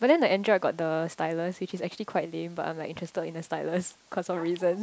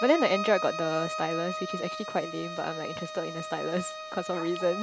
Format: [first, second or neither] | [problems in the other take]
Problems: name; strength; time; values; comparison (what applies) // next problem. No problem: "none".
first | background sound (Bowed string instrument); 7 dB below the speech